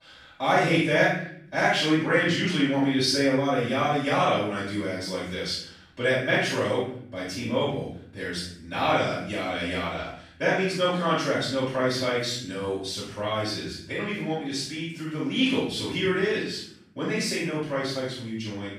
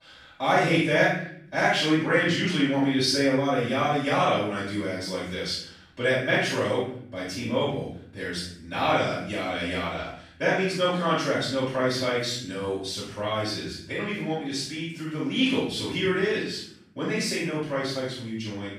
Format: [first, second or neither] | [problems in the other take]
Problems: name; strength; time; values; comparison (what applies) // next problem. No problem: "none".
neither | off-mic speech; far; the same in both // room echo; strong; dies away in 0.6 s; the same in both